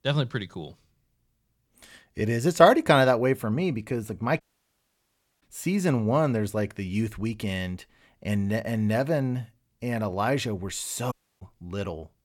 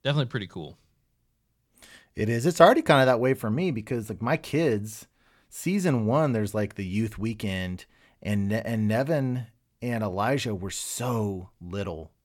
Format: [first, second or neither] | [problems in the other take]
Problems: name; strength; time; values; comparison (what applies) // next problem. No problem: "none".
second | audio cutting out; at 4.5 s for 1 s and at 11 s